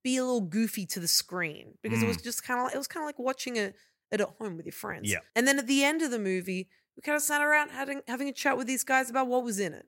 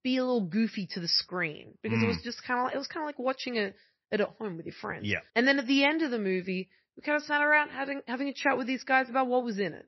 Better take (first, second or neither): first